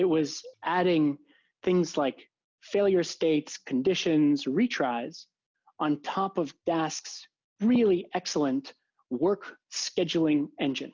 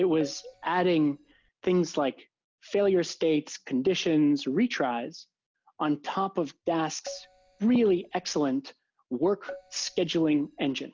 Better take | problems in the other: first | background sound (Keyboard (musical)); 20 dB below the speech

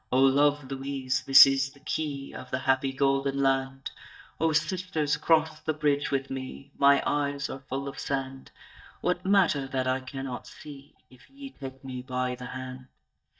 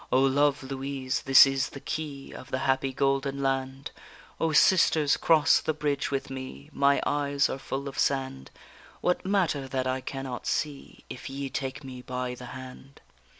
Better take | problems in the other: second | noise reduction (neural mask model DeepFilterNet 3)

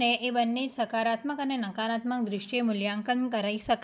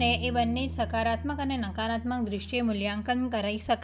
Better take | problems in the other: first | background sound (Bass guitar); 9 dB below the speech

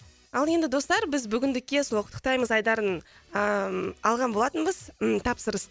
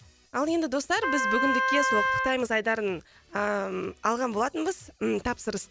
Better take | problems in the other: first | background sound (Wind instrument, woodwind instrument); 1 dB above the speech

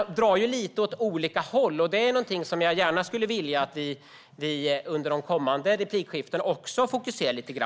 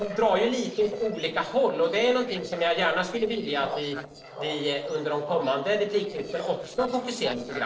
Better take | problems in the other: first | noise reduction (neural separator model SepFormer DNS4)

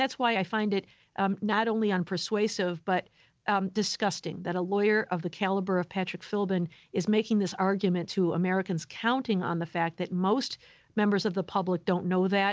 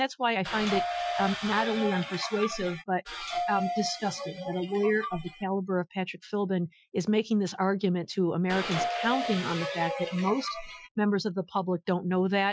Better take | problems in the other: first | noise reduction (classical method Wiener filter)

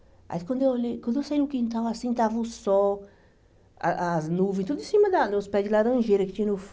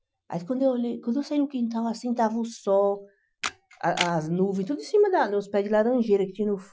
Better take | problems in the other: first | noise reduction (classical method Wiener filter)

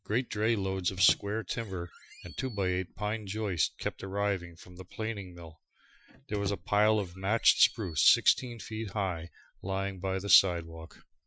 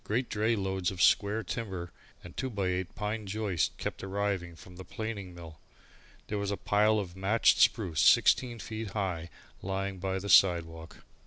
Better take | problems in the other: second | noise reduction (classical method Wiener filter)

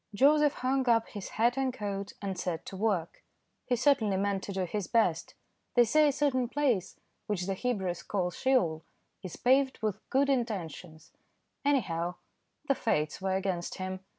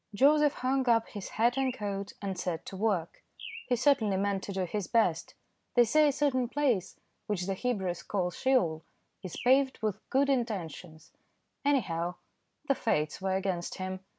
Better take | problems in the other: first | background sound (Bird); 19 dB below the speech

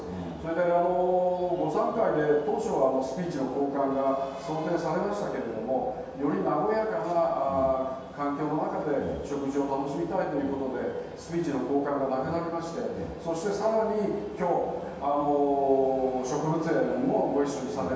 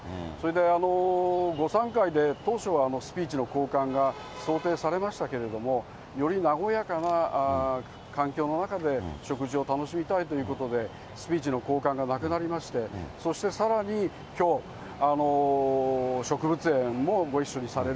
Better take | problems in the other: second | room echo; dies away in 1.2 s

